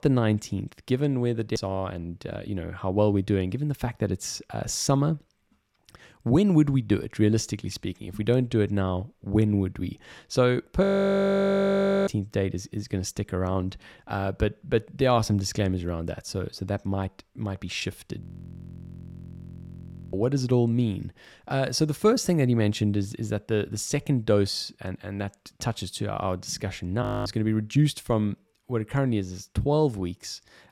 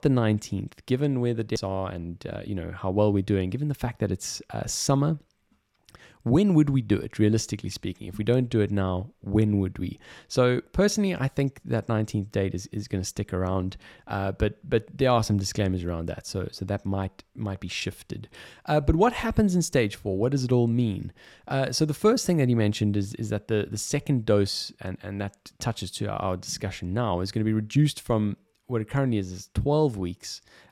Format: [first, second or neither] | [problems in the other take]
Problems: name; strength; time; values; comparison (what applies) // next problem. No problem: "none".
second | audio freezing; at 11 s for 1 s, at 18 s for 2 s and at 27 s